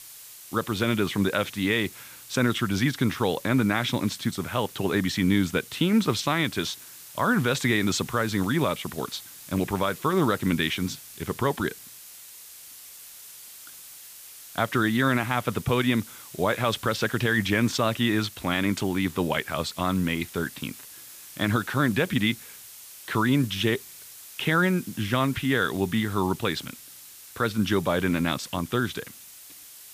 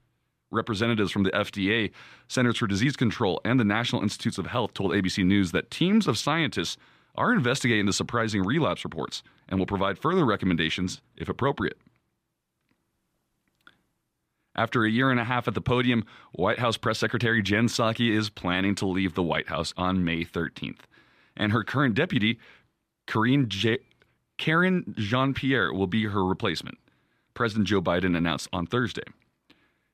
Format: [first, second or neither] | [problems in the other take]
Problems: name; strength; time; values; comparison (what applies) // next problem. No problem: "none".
second | hiss; noticeable; throughout; 15 dB below the speech